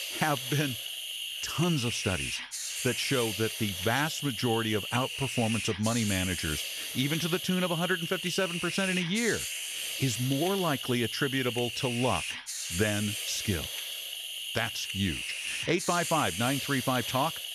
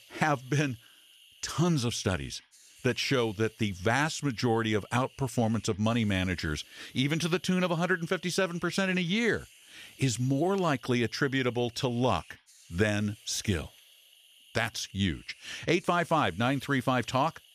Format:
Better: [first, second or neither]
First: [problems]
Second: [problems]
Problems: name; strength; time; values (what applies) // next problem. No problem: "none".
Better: second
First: hiss; loud; throughout; 3 dB below the speech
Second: hiss; faint; throughout; 25 dB below the speech